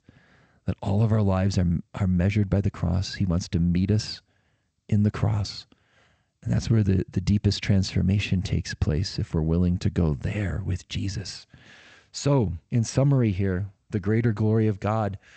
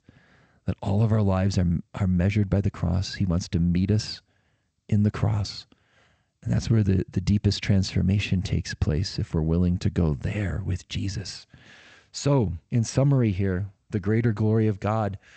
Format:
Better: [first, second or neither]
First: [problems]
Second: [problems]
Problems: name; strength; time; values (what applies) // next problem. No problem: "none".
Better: neither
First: garbled, watery; slightly; nothing above 8 kHz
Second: garbled, watery; slightly; nothing above 8 kHz